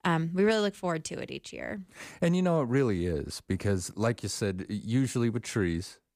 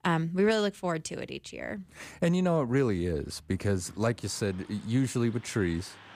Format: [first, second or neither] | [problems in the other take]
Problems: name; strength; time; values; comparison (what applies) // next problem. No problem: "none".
first | traffic noise; faint; throughout; 25 dB below the speech